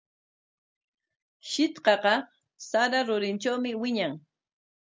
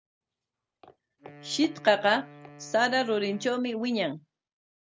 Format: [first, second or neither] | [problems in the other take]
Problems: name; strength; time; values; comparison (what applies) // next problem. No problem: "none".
first | background sound (Wind instrument, woodwind instrument + Walk, footsteps); 20 dB below the speech